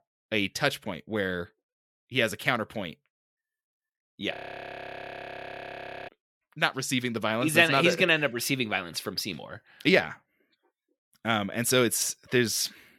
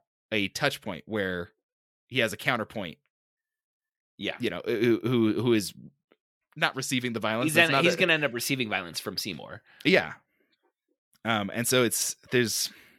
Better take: second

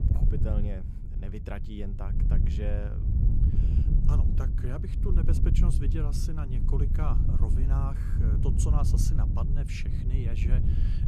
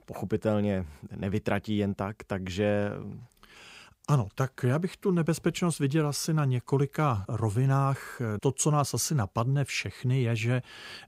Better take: second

